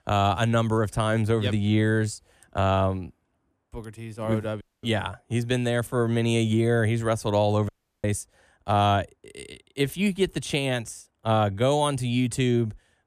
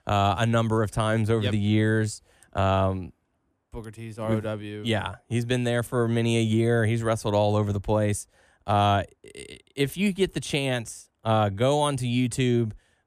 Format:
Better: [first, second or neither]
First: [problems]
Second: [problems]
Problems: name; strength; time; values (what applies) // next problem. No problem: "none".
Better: second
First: audio cutting out; at 4.5 s and at 7.5 s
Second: none